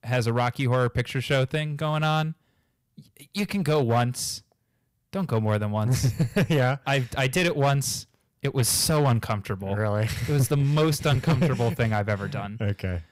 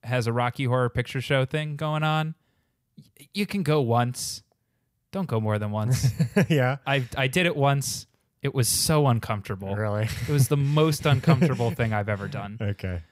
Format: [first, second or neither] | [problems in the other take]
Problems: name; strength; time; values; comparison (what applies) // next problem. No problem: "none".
second | distortion; slight; 9% of the sound clipped